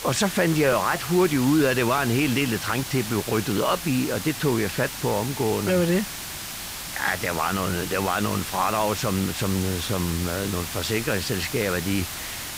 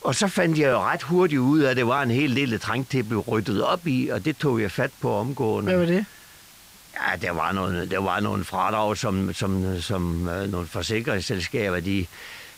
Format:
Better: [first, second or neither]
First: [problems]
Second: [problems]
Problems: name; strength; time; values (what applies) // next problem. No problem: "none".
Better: second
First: hiss; loud; throughout; 7 dB below the speech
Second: hiss; faint; throughout; 25 dB below the speech